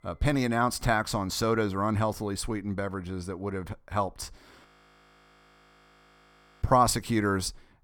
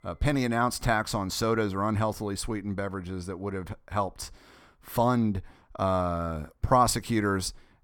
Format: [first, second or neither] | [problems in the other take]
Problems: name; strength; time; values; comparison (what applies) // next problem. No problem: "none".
second | audio freezing; at 4.5 s for 2 s